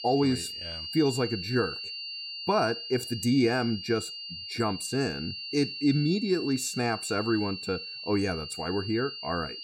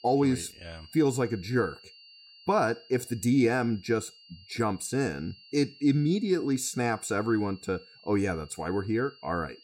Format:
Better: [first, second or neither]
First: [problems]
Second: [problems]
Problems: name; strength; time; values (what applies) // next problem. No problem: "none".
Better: second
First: high-pitched whine; loud; throughout; 4.5 kHz, 7 dB below the speech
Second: high-pitched whine; faint; throughout; 4.5 kHz, 25 dB below the speech